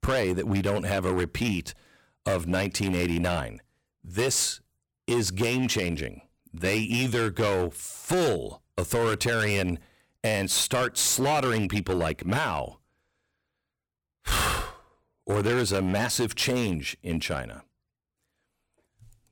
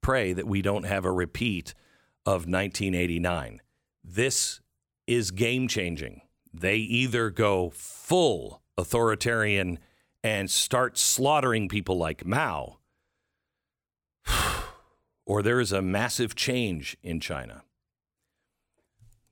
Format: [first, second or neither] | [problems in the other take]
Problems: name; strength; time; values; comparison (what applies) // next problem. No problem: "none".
second | distortion; heavy; 11% of the sound clipped